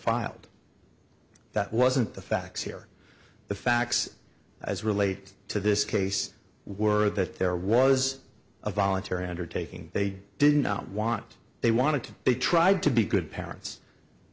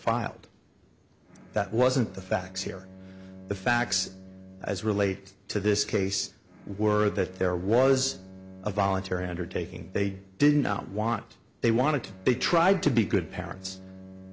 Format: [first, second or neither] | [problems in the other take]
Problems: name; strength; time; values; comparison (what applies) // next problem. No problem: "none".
first | background sound (Bowed string instrument); 19 dB below the speech